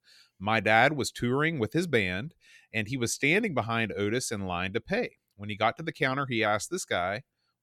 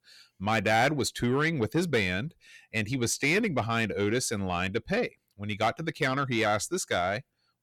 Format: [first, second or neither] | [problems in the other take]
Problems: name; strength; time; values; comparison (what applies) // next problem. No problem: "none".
first | distortion; slight; 10 dB below the speech